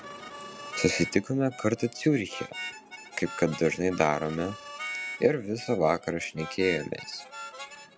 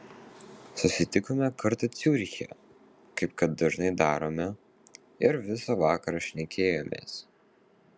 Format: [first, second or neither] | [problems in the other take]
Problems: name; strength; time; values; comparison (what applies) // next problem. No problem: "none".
second | background sound (Harmonica); 12 dB below the speech